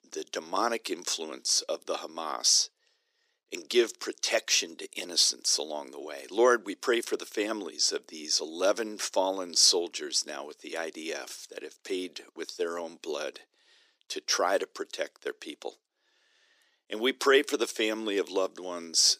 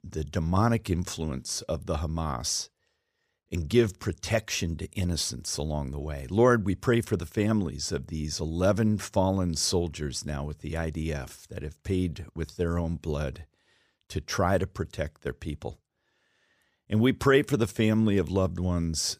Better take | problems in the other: second | thin; very; fading below 300 Hz

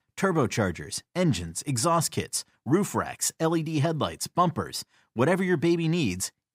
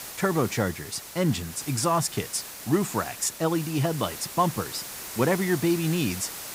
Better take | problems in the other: first | hiss; loud; throughout; 10 dB below the speech

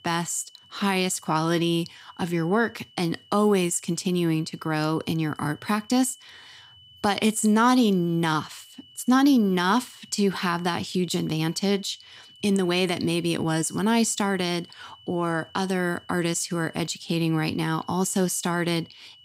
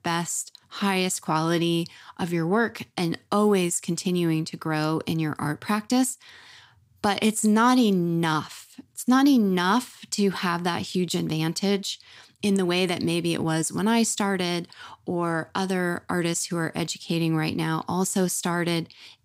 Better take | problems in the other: second | high-pitched whine; faint; throughout; 3 kHz, 25 dB below the speech

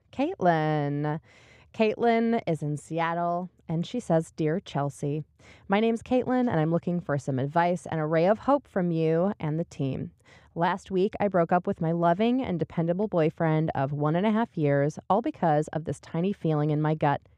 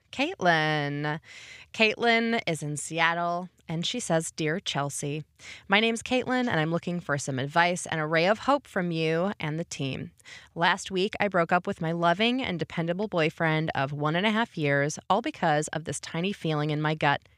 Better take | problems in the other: second | muffled; slightly; fading above 1.5 kHz

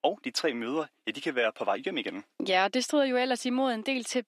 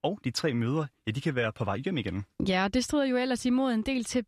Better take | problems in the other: second | thin; somewhat; fading below 300 Hz

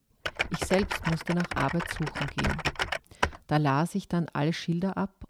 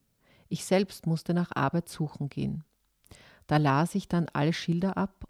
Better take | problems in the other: second | keyboard typing; loud; until 3.5 s; peak 1 dB above the speech

